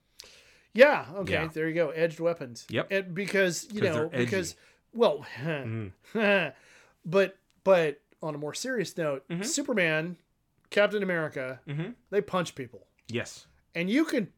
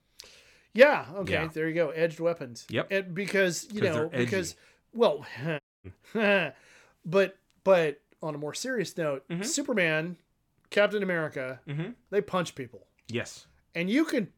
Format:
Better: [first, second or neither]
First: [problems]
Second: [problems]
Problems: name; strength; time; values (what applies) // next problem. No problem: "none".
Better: first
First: none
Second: audio cutting out; at 5.5 s